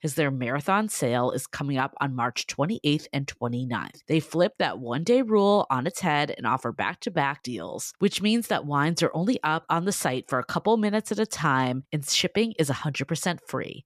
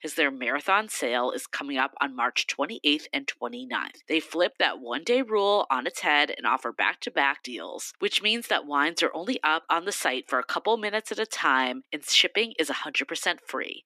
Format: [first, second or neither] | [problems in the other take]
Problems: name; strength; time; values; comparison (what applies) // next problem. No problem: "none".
first | thin; somewhat; fading below 250 Hz